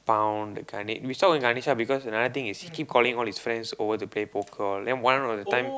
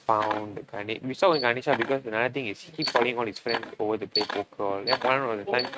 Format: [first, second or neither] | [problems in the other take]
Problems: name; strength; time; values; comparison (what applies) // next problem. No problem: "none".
first | noise reduction (neural mask model RNNoise)